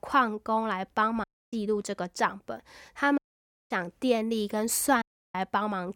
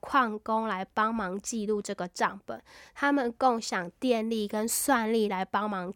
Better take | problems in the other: second | audio cutting out; at 1 s, at 3 s for 0.5 s and at 5 s

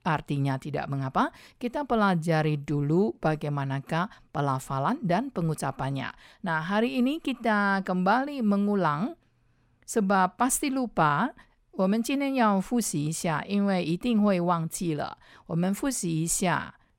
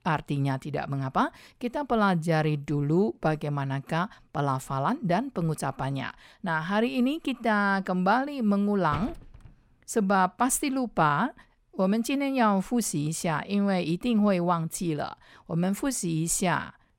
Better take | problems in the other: first | door banging; faint; at 9 s; peak 10 dB below the speech

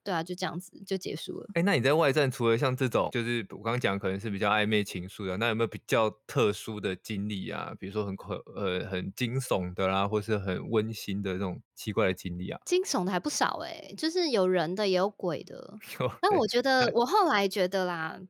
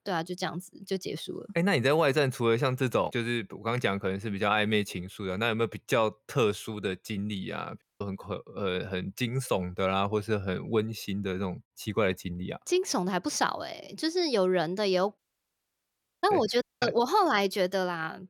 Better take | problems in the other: first | audio cutting out; at 8 s, at 15 s for 1 s and at 17 s

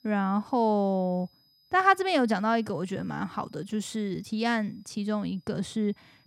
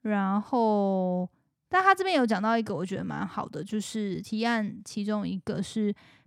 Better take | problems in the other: second | high-pitched whine; faint; throughout; 5 kHz, 35 dB below the speech

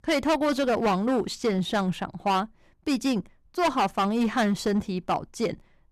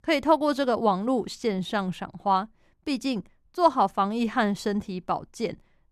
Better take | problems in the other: second | distortion; heavy; 10% of the sound clipped

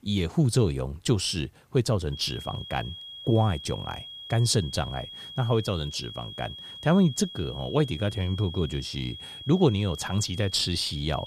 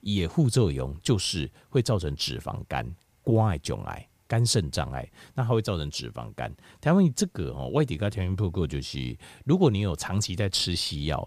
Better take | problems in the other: second | high-pitched whine; noticeable; from 2 s on; 3.5 kHz, 10 dB below the speech

